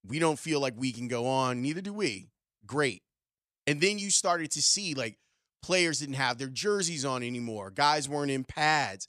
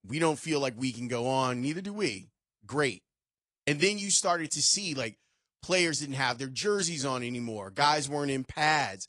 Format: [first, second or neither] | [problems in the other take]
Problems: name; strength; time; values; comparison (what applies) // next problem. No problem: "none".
first | garbled, watery; slightly